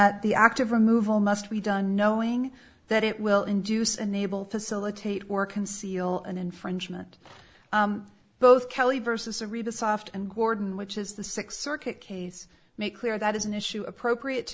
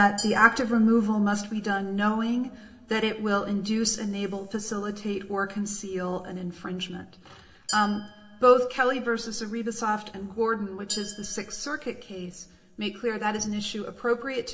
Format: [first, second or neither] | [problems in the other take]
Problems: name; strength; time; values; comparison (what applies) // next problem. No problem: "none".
first | background sound (Glass); 17 dB below the speech // room echo; dies away in 2.2 s